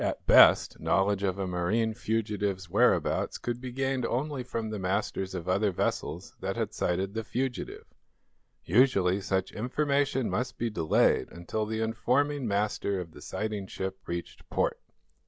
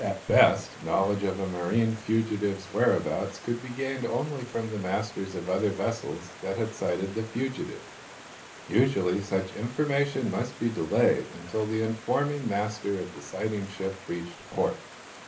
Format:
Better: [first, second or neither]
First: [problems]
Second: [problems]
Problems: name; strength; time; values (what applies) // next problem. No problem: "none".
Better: first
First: none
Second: background sound (Stream); 17 dB below the speech // room echo; dies away in 0.3 s